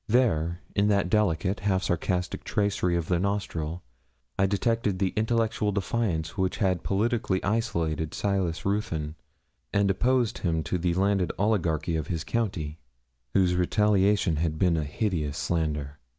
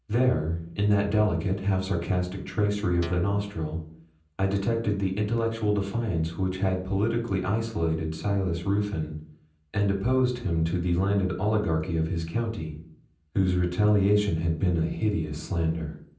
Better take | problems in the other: first | background sound (Guitar); 19 dB below the speech // room echo; dies away in 0.6 s

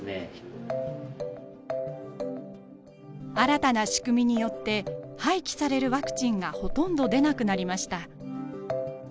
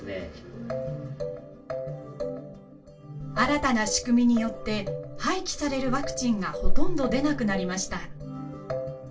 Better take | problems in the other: first | room echo; dies away in 0.2 s

